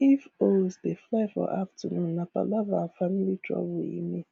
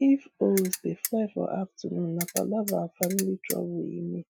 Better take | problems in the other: first | noise reduction (classical method Wiener filter)

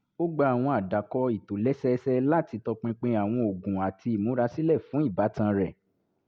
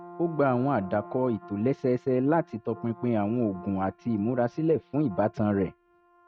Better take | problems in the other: first | noise reduction (neural mask model RNNoise)

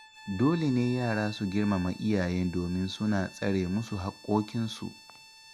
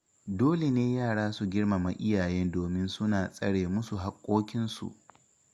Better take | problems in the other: second | background sound (Bowed string instrument); 19 dB below the speech

